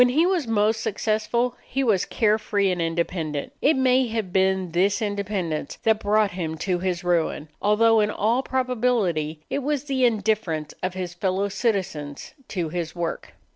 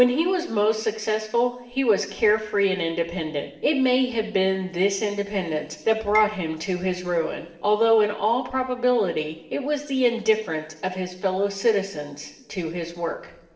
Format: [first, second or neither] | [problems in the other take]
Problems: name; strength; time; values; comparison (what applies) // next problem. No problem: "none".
first | noise reduction (neural separator model SepFormer DNS4)